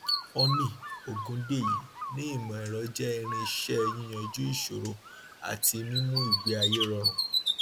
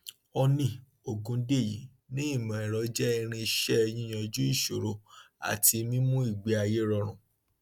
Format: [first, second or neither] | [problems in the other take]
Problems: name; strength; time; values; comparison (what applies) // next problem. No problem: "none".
second | background sound (Bird); 1 dB below the speech